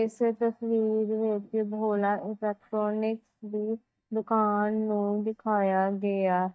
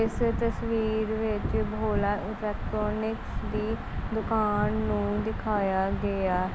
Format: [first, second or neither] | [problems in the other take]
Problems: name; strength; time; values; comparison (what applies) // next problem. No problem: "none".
second | noise reduction (neural mask model DeepFilterNet 3)